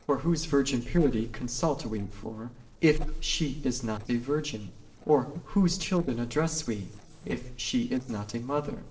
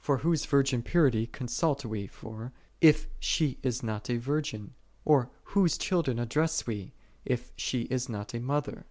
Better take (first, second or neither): second